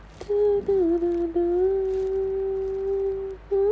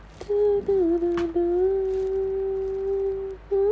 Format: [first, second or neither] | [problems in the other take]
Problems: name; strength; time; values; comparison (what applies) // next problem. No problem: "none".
first | background sound (Thump, thud); 17 dB below the speech